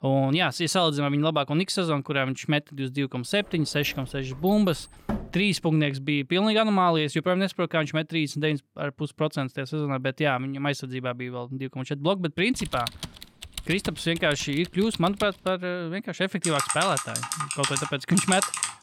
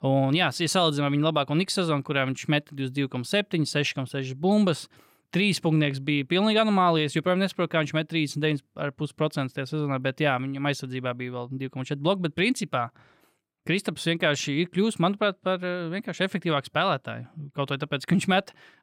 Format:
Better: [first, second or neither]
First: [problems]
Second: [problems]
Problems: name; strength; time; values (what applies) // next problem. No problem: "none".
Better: second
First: door banging; noticeable; from 3.5 to 5.5 s; peak 7 dB below the speech // keyboard typing; noticeable; from 13 to 15 s; peak 8 dB below the speech // keyboard typing; loud; from 16 s on; peak 1 dB above the speech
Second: none